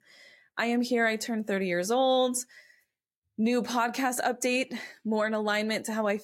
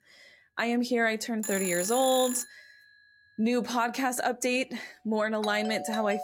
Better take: first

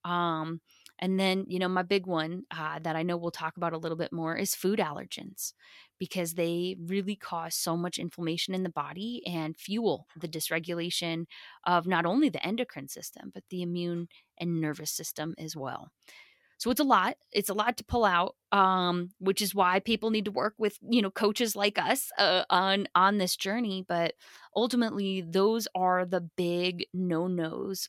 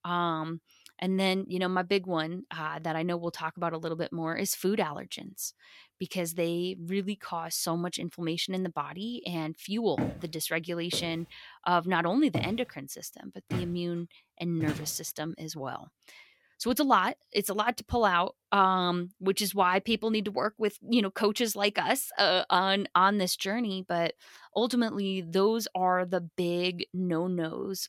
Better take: first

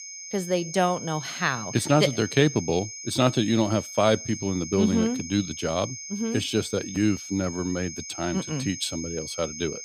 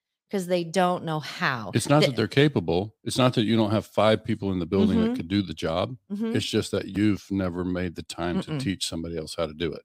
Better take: second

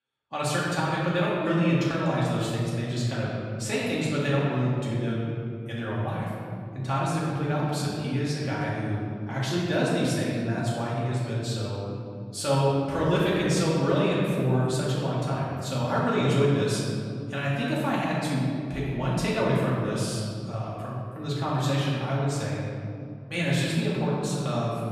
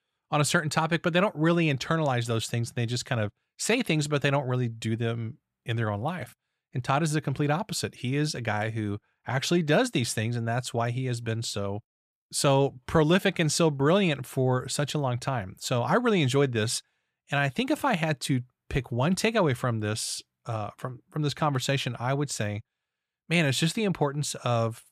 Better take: second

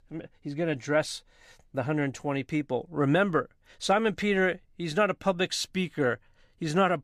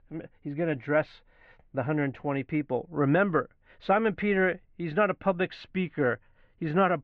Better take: first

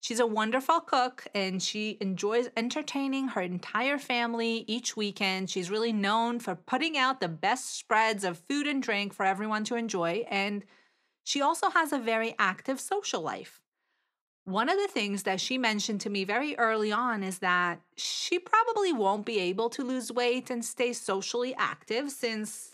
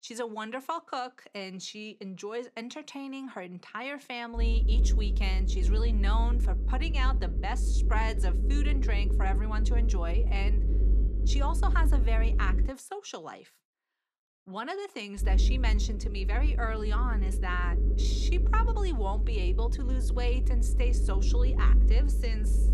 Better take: first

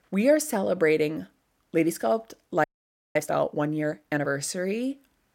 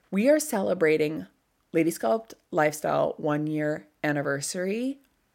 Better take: second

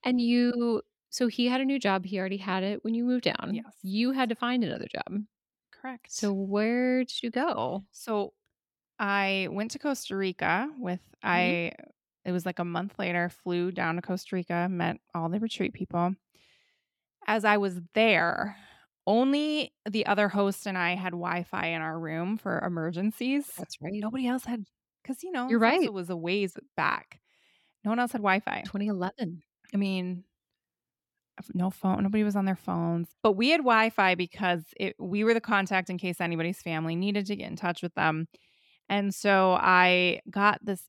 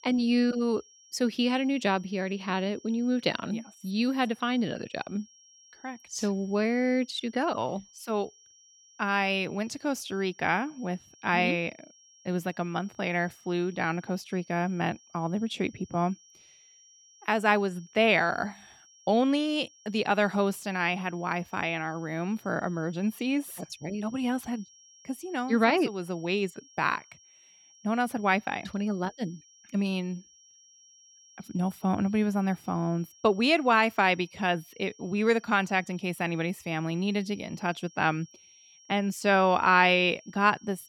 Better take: first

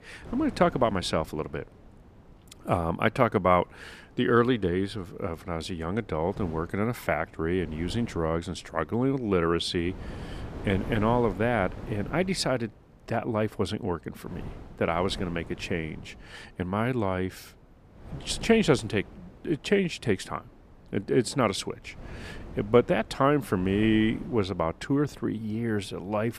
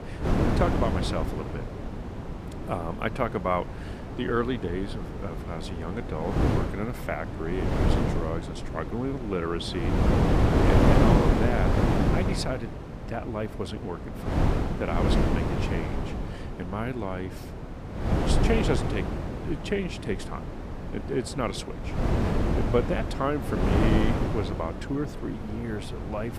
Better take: first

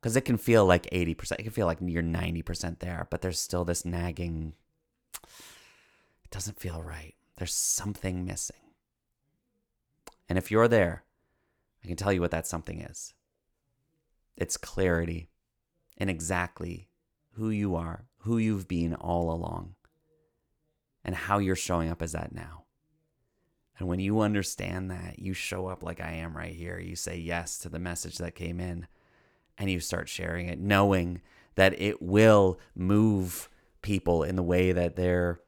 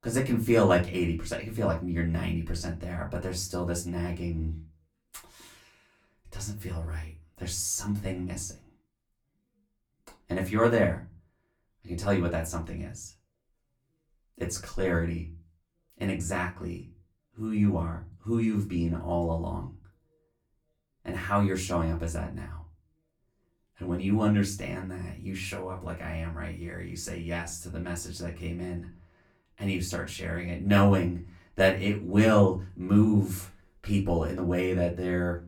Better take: first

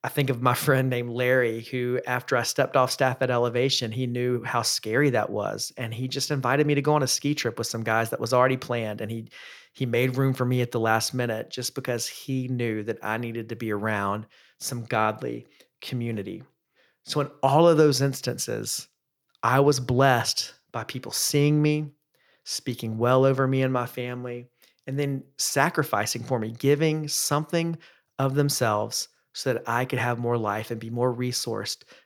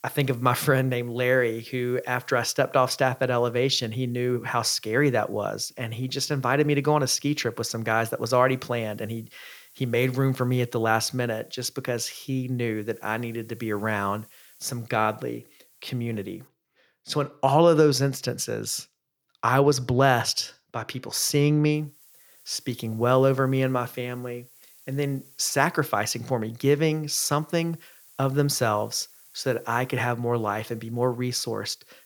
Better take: first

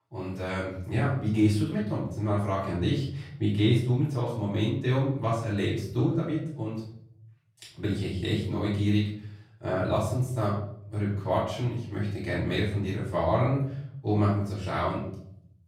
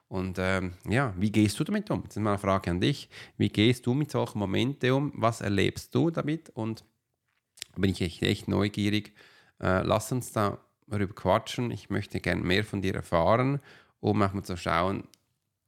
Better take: second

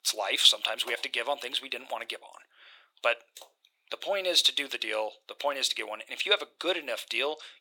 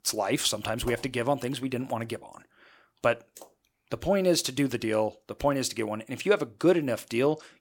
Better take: second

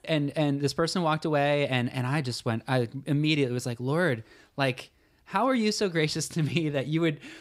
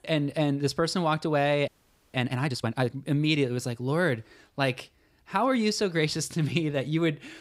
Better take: first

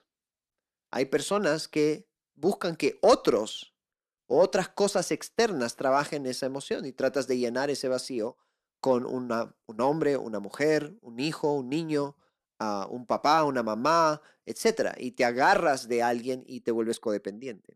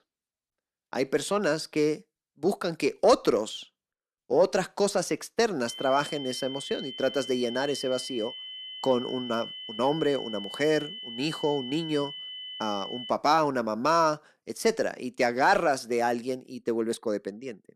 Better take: first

